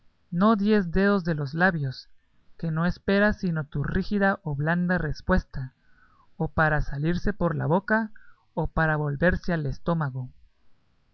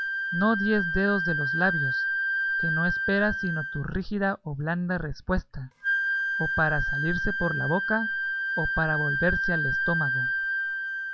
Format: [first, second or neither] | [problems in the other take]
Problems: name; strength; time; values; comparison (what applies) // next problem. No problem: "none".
first | background sound (Wind instrument, woodwind instrument); as loud as the speech